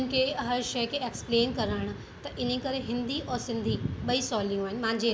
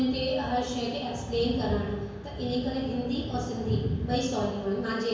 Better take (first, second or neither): first